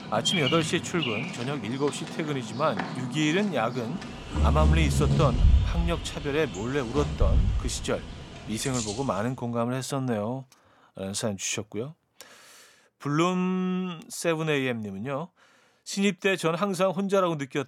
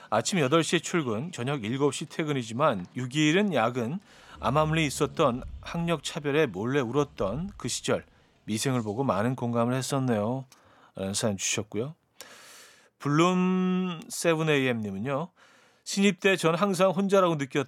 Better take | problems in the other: second | animal sounds; loud; until 9 s; 1 dB below the speech; faint in the second

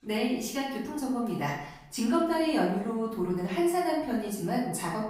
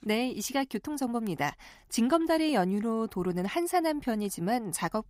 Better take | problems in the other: second | off-mic speech; far // room echo; noticeable; dies away in 0.6 s

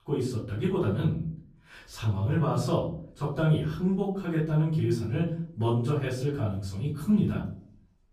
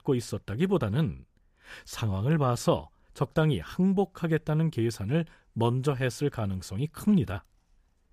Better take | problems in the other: second | off-mic speech; far // room echo; slight; dies away in 0.6 s

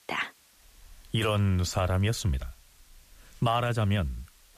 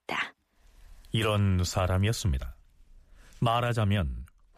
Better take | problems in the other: second | hiss; faint; throughout; 30 dB below the speech

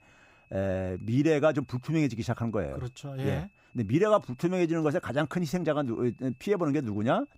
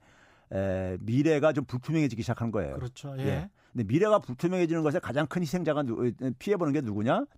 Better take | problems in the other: second | high-pitched whine; faint; throughout; 2.5 kHz, 35 dB below the speech

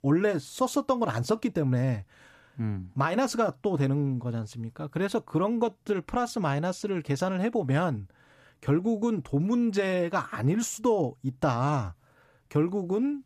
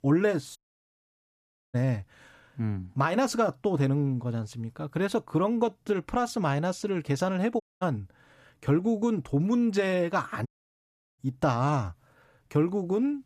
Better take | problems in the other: first | audio cutting out; at 0.5 s for 1 s, at 7.5 s and at 10 s for 0.5 s

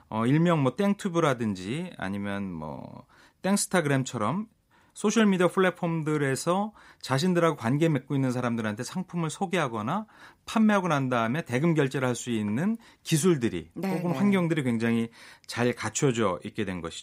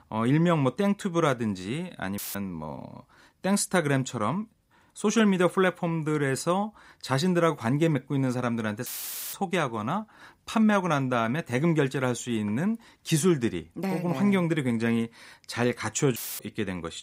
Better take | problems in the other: first | audio cutting out; filled with static; at 2 s, at 9 s and at 16 s

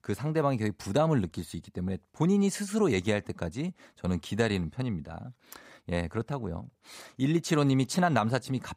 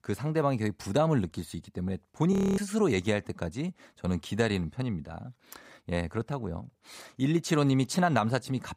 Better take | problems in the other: first | audio freezing; at 2.5 s

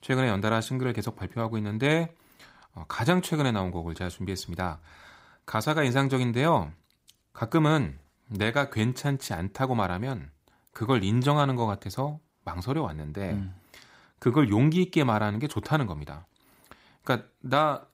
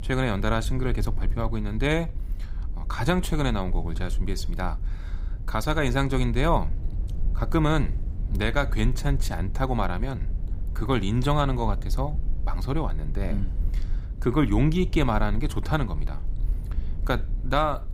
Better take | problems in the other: first | low rumble; faint; throughout; 20 dB below the speech

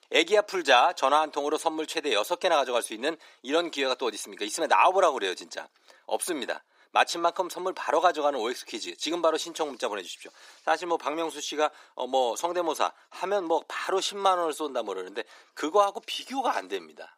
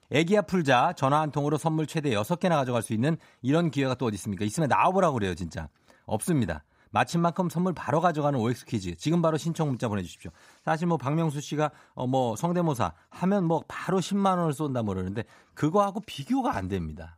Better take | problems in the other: second | thin; very; fading below 350 Hz

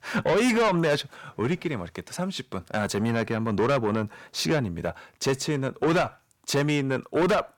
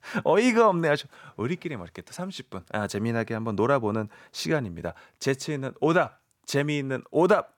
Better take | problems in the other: second | distortion; heavy; 7 dB below the speech

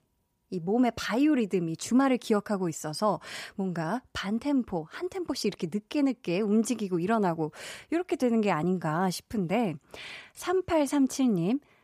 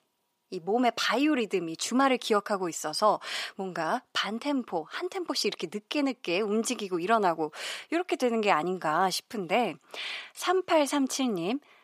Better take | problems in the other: first | thin; somewhat; fading below 350 Hz

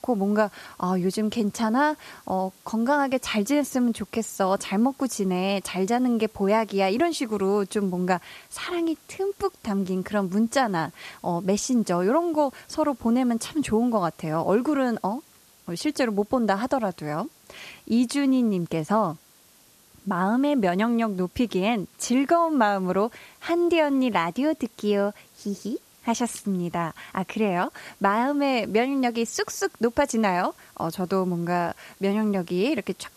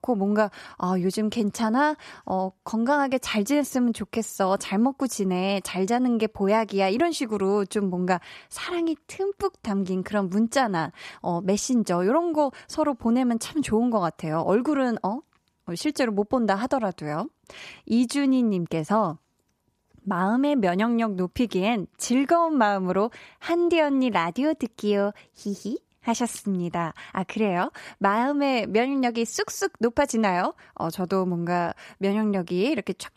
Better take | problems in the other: second | hiss; faint; throughout; 30 dB below the speech

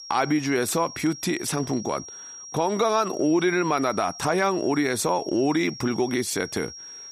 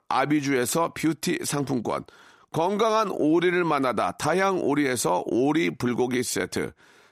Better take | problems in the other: second | high-pitched whine; noticeable; throughout; 5.5 kHz, 15 dB below the speech

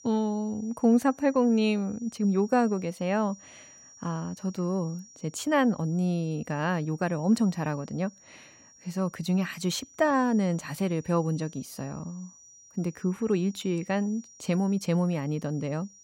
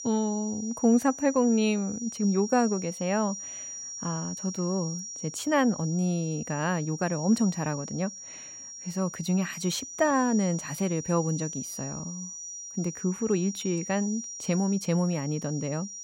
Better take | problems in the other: first | high-pitched whine; loud; throughout; 5.5 kHz, 9 dB below the speech; faint in the first

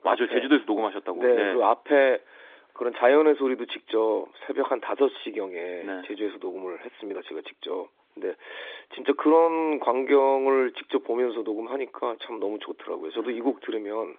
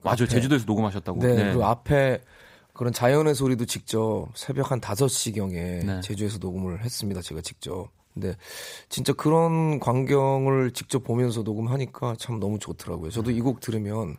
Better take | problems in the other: second | phone-call audio

